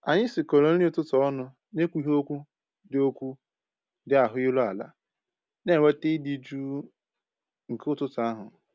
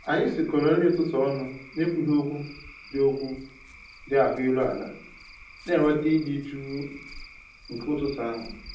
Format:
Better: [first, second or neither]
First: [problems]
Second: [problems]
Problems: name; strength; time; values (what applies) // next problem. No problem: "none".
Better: first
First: none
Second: background sound (Cricket / Frog); 19 dB below the speech // room echo; dies away in 0.6 s